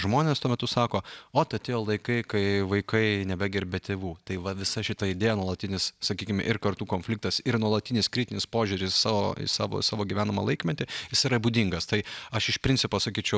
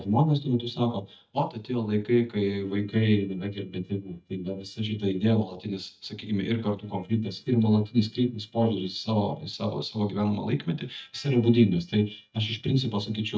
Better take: first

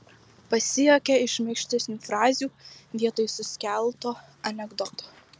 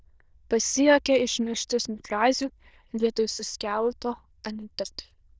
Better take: first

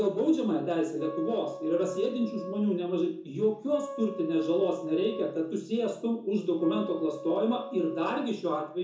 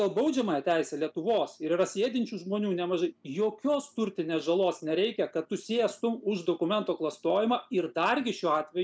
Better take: second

